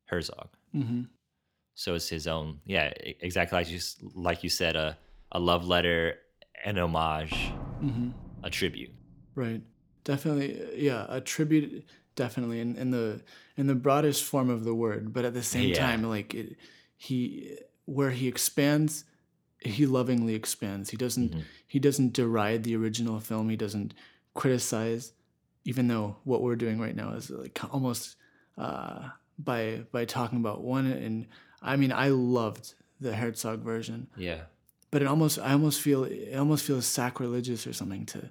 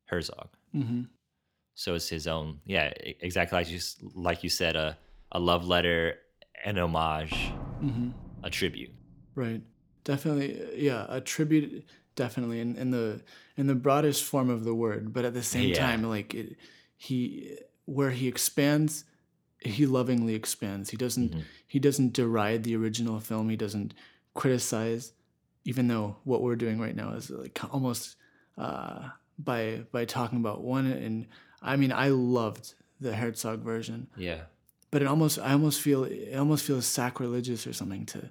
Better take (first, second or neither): neither